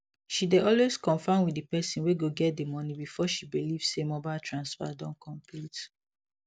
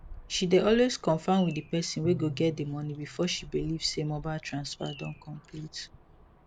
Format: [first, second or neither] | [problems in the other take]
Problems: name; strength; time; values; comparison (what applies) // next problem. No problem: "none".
first | background sound (Bowed string instrument + Bird vocalization, bird call, bird song); 16 dB below the speech